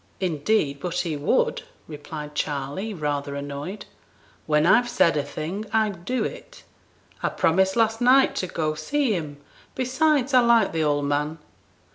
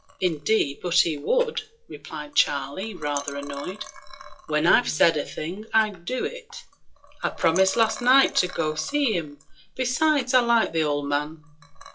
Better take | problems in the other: first | noise reduction (classical method WPE with log-MMSE)

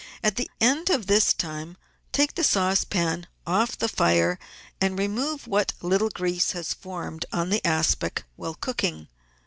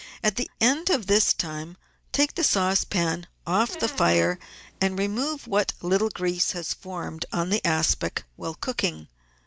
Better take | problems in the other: first | background sound (Squeak); 15 dB below the speech

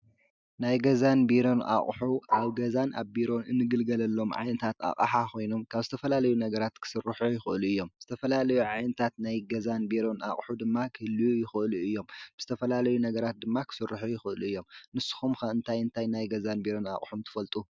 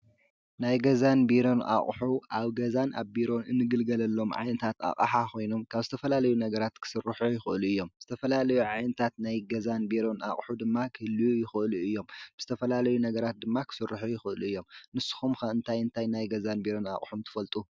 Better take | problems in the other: second | noise reduction (neural mask model Resemble Enhance denoiser)

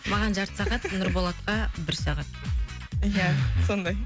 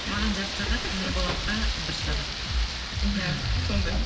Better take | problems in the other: first | background sound (Rain); 3 dB below the speech // room echo; dies away in 2.7 s

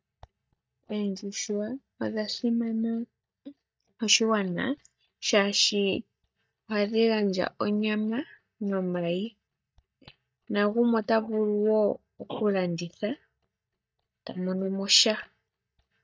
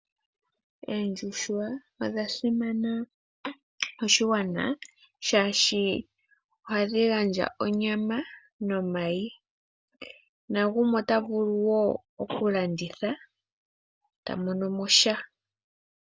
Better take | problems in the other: second | noise reduction (neural mask model DeepFilterNet 3)

